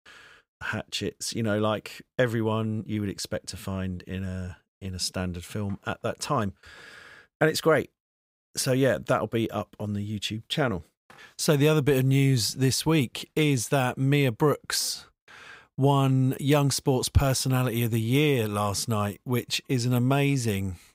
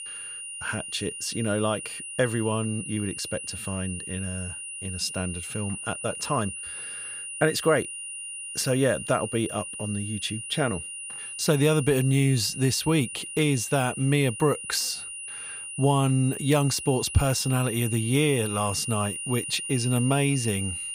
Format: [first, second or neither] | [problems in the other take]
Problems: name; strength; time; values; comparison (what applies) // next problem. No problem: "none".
first | high-pitched whine; loud; throughout; 3 kHz, 7 dB below the speech